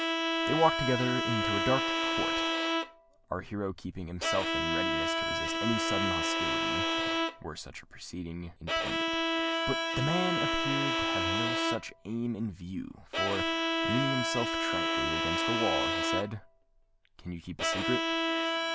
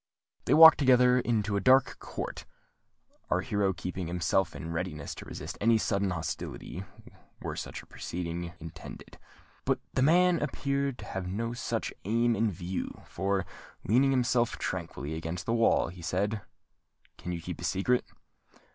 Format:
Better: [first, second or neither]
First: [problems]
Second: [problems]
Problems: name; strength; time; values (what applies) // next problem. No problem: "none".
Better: second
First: background sound (Bowed string instrument); 4 dB above the speech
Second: none